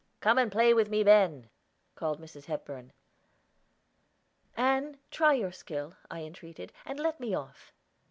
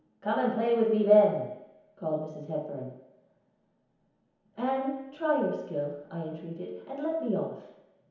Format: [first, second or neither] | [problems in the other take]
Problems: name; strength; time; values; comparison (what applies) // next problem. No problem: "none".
first | room echo; dies away in 1 s